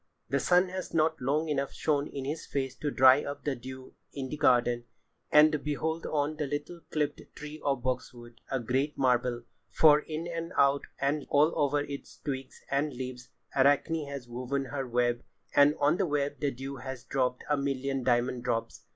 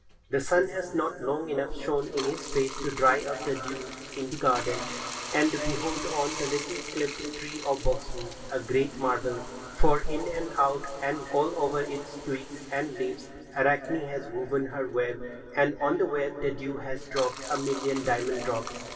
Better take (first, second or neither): first